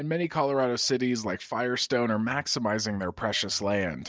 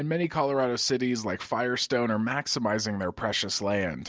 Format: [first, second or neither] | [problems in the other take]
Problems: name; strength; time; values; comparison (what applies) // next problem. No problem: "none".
second | noise reduction (neural mask model DeepFilterNet 3)